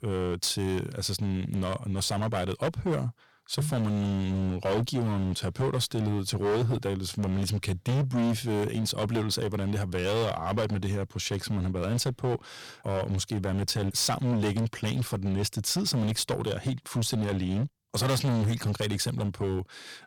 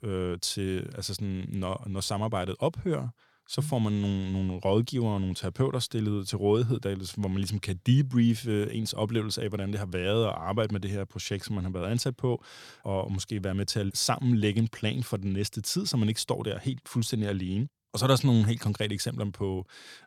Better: second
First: distortion; heavy; 16% of the sound clipped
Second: none

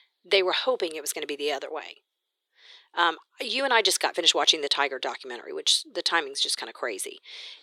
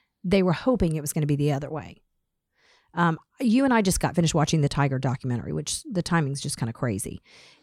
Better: second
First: thin; very; fading below 350 Hz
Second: none

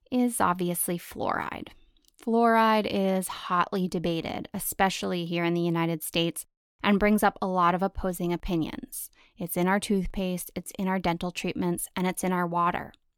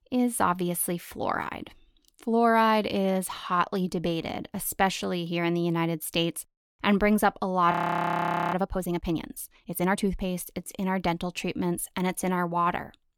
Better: first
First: none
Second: audio freezing; at 7.5 s for 1 s

